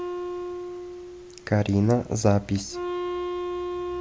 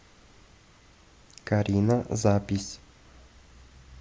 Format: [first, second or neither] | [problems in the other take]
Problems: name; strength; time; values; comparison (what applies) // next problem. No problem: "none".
second | background sound (Wind instrument, woodwind instrument); 6 dB below the speech